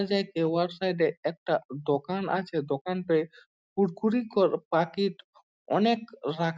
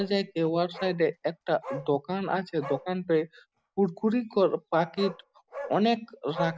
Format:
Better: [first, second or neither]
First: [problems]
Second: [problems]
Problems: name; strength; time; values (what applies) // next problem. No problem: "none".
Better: first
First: none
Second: background sound (Bark); 14 dB below the speech